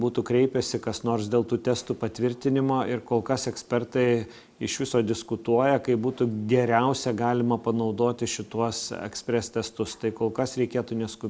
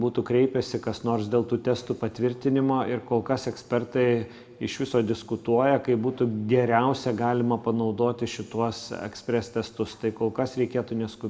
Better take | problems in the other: first | room echo; dies away in 1.2 s

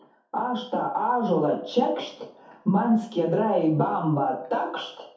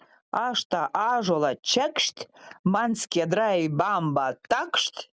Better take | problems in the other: second | room echo; dies away in 0.5 s

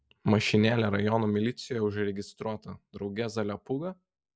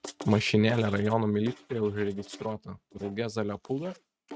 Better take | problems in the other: first | noise reduction (neural mask model RNNoise)

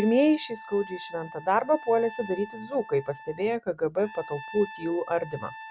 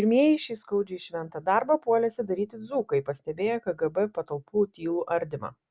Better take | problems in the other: second | background sound (Trumpet); 16 dB below the speech

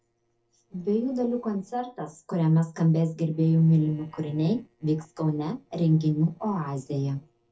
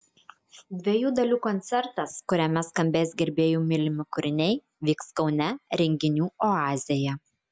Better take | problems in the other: second | noise reduction (neural separator model SepFormer DNS4)

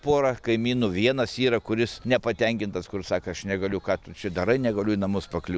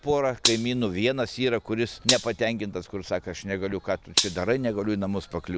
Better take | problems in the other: first | background sound (Gunshot, gunfire); 3 dB below the speech

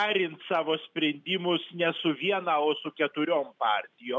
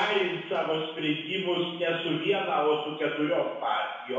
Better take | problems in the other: first | room echo; dies away in 1 s

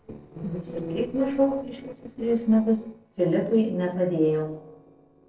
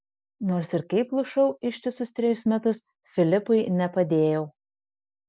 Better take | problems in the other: second | noise reduction (neural separator model SepFormer DNS4)

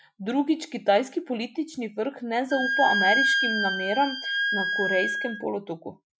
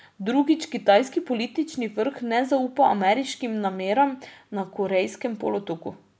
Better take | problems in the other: second | noise reduction (classical method Wiener filter)

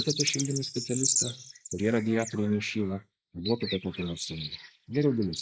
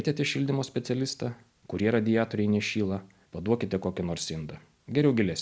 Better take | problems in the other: second | noise reduction (neural mask model Resemble Enhance denoiser)

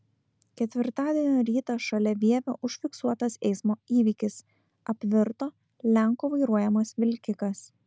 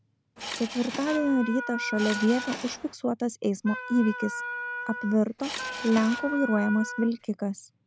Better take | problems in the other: first | background sound (Wind instrument, woodwind instrument + Subway, metro, underground / Engine); 8 dB below the speech

